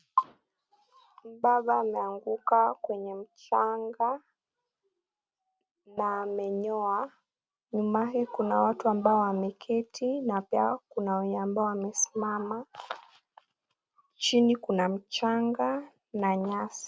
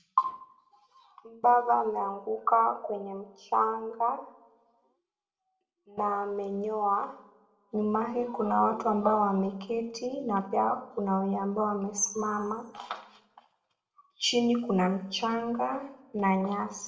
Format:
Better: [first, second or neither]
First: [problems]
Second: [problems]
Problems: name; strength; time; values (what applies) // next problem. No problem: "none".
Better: first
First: none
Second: room echo; dies away in 0.5 s